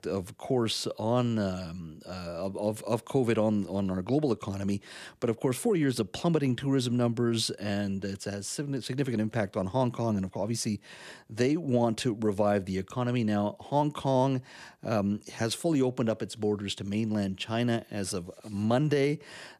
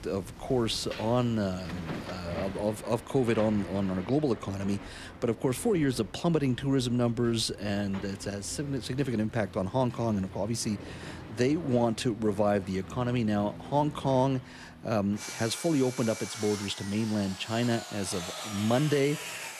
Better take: first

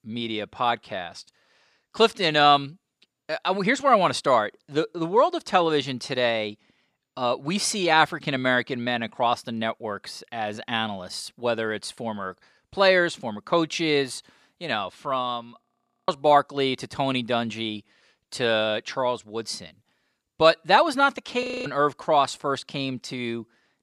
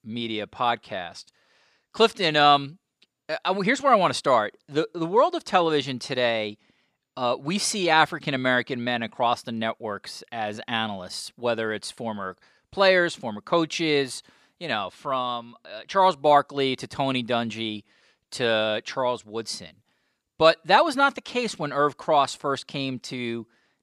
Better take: second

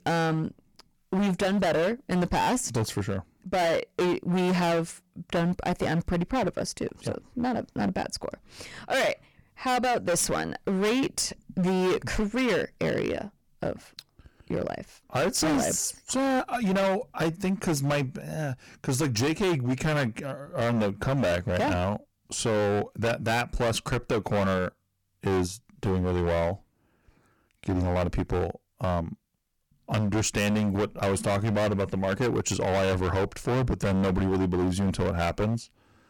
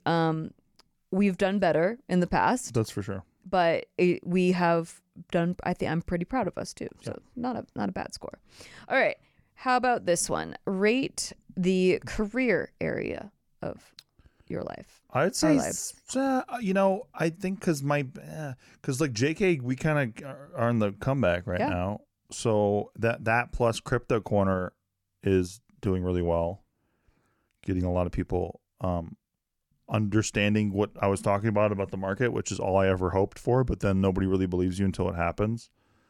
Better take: second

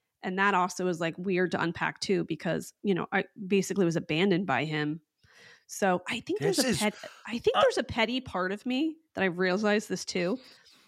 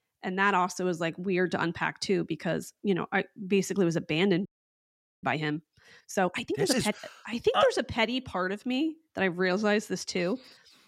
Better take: first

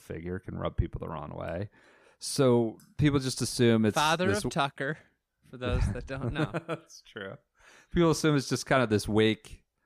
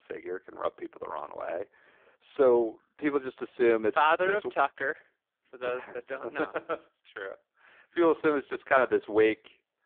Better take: first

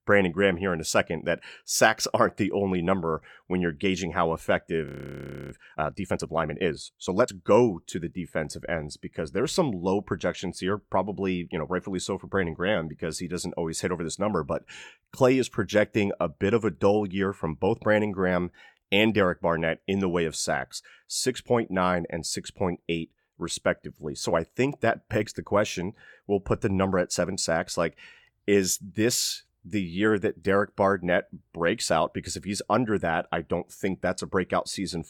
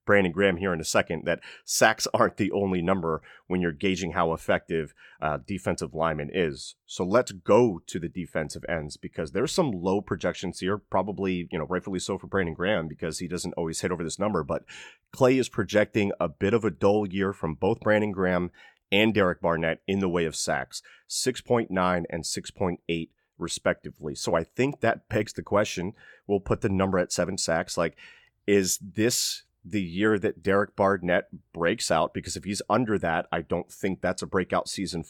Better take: second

